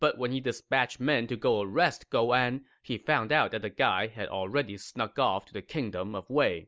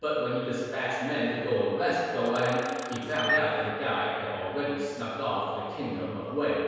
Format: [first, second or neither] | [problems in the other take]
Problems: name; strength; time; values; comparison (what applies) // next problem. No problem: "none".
first | background sound (Camera); 6 dB below the speech // room echo; dies away in 1.9 s